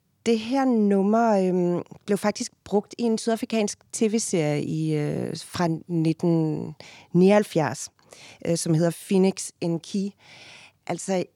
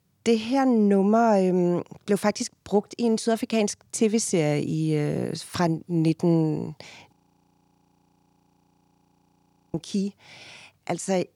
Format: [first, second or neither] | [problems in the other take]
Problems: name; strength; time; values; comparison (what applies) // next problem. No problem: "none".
first | audio freezing; at 7 s for 2.5 s